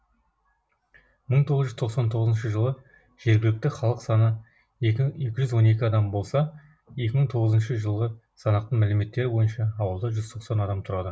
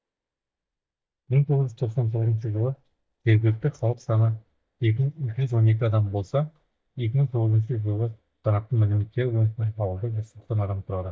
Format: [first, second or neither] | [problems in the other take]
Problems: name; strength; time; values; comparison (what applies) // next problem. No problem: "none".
first | noise reduction (neural mask model DeepFilterNet 3)